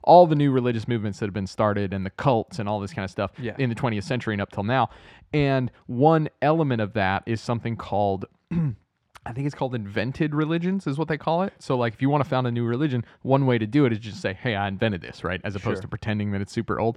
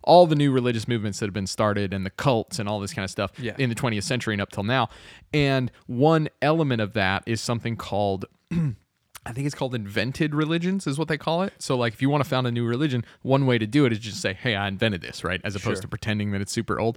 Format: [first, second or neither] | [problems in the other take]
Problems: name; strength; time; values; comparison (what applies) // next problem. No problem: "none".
second | muffled; slightly; fading above 2 kHz